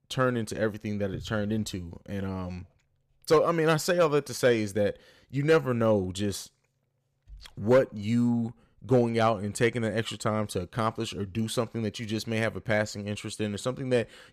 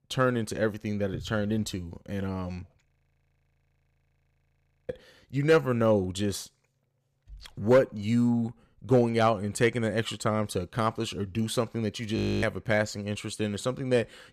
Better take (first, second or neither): first